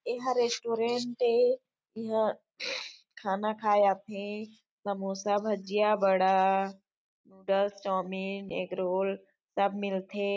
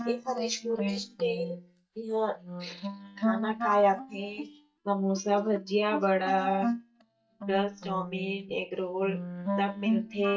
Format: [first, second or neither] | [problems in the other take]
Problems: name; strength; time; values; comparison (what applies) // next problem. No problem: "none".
first | noise reduction (neural mask model DeepFilterNet 3)